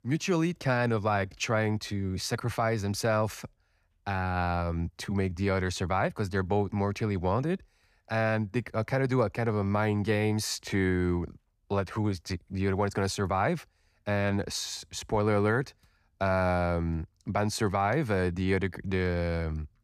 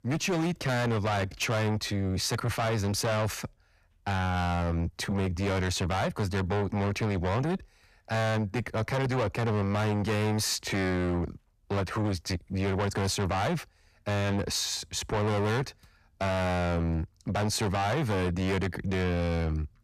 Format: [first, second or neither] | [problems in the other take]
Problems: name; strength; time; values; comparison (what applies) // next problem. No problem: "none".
first | distortion; heavy; 7 dB below the speech